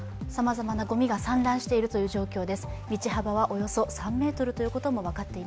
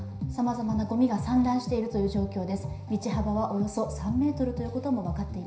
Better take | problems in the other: first | room echo; dies away in 0.5 s

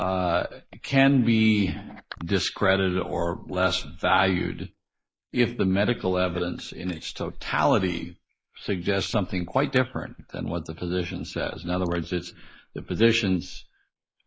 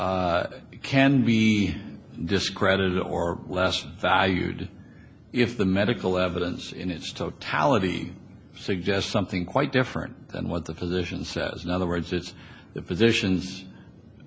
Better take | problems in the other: second | noise reduction (neural mask model Resemble Enhance denoiser)

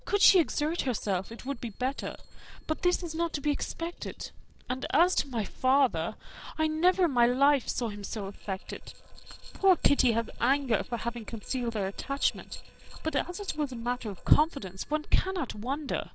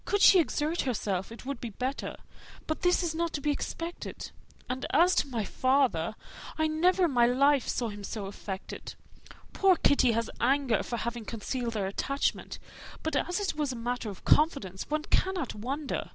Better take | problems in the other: second | noise reduction (neural separator model SepFormer DNS4)

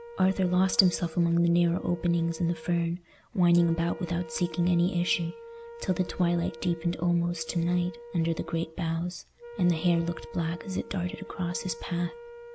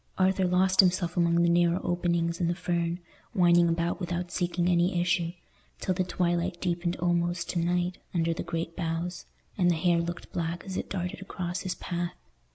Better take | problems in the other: second | background sound (Wind instrument, woodwind instrument); 17 dB below the speech

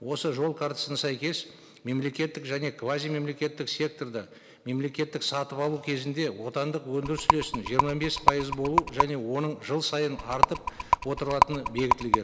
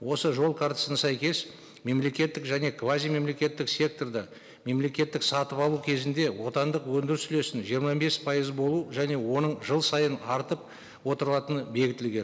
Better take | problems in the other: second | background sound (Rattle); 4 dB above the speech

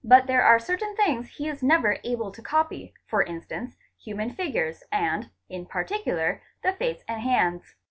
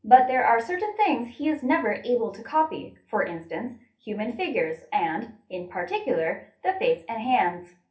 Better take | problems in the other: first | room echo; dies away in 0.3 s

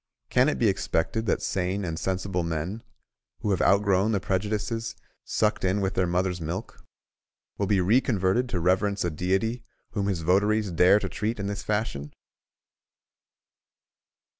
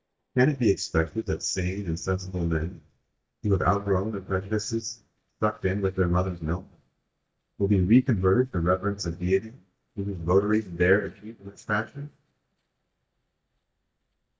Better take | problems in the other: first | noise reduction (neural mask model DeepFilterNet 3)

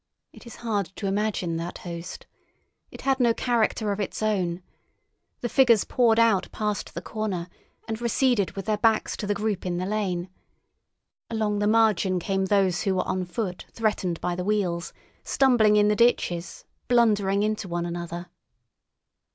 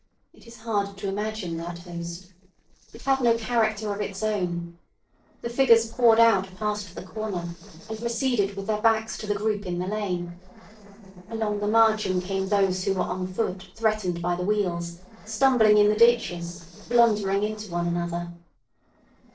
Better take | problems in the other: first | noise reduction (neural separator model SepFormer DNS4)

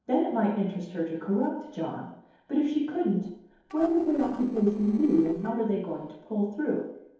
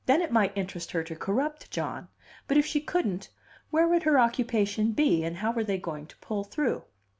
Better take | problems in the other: second | noise reduction (neural separator model SepFormer DNS4)

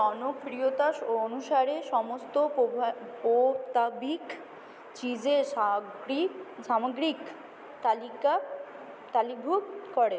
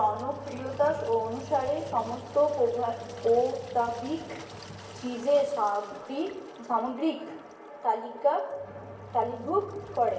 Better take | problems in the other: first | background sound (Engine); 17 dB below the speech // room echo; dies away in 0.8 s

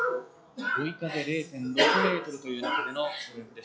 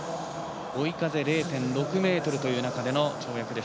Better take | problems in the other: second | noise reduction (classical method log-MMSE)

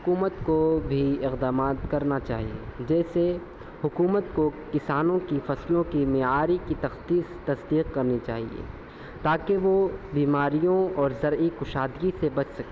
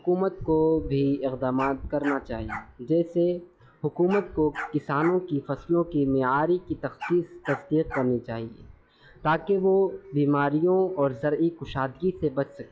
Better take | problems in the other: first | noise reduction (classical method log-MMSE)

